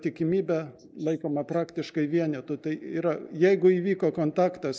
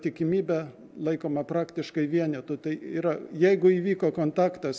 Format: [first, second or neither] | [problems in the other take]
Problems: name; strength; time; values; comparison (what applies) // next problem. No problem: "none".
second | noise reduction (neural mask model Resemble Enhance denoiser)